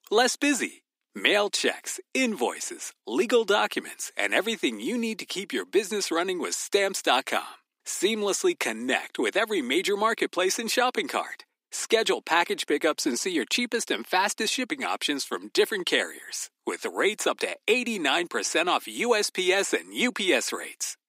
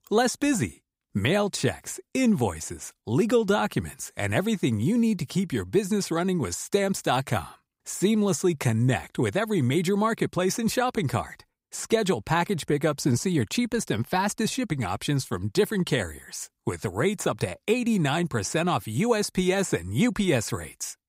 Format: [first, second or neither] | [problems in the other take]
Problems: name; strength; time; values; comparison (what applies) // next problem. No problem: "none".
second | thin; somewhat; fading below 250 Hz